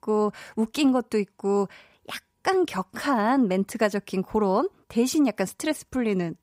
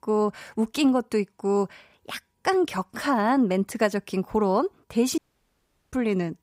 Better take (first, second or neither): first